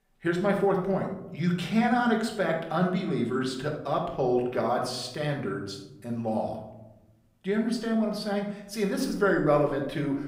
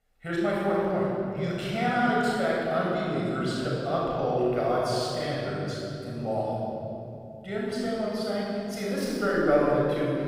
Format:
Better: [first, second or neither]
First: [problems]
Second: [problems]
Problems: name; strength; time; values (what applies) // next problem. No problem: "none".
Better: first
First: room echo; slight; dies away in 0.7 s // off-mic speech; somewhat distant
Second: room echo; strong; dies away in 3 s // off-mic speech; far